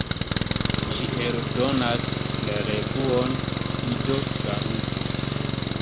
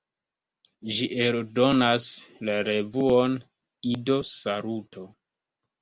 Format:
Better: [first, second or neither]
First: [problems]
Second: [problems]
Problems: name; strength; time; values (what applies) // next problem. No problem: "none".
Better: second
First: background sound (Engine + Hiss); 3 dB above the speech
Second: none